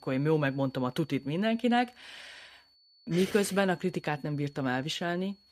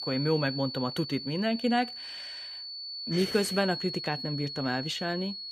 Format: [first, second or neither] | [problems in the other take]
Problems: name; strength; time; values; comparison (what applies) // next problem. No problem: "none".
first | high-pitched whine; loud; throughout; 4.5 kHz, 6 dB below the speech; faint in the first